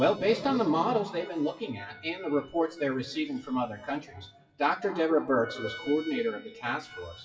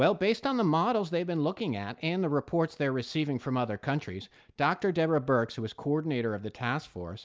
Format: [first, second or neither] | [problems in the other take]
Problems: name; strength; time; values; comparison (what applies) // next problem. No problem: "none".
second | noise reduction (classical method WPE with log-MMSE)